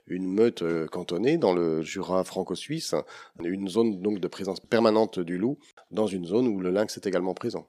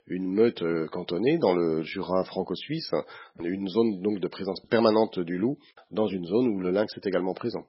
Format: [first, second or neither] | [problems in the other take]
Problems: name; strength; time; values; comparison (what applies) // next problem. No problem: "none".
first | garbled, watery; badly; nothing above 5.5 kHz